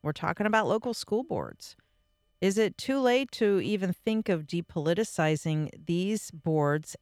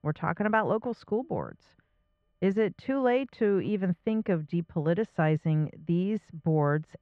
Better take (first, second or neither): first